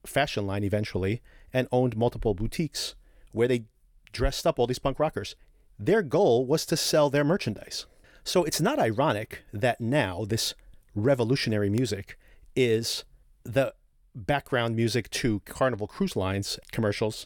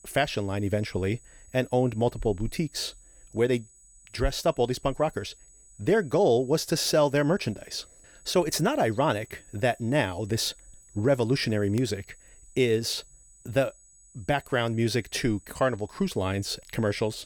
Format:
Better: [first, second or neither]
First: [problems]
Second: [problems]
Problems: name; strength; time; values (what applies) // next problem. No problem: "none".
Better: first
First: none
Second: high-pitched whine; faint; throughout; 8 kHz, 25 dB below the speech